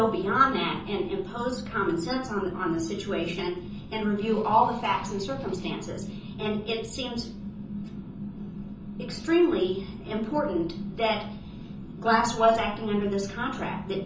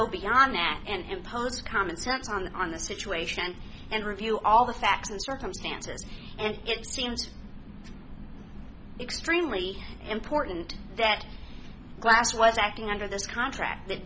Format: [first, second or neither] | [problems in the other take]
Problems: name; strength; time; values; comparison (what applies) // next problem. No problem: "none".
second | background sound (Strum); 16 dB below the speech // room echo; dies away in 0.6 s